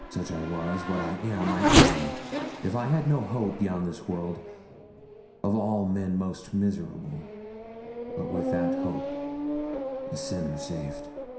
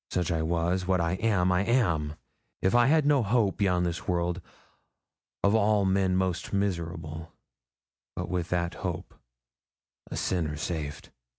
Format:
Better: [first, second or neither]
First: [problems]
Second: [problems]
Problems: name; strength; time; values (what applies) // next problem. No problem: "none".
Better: second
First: background sound (Race car, auto racing / Accelerating, revving, vroom); as loud as the speech // room echo; dies away in 0.7 s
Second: none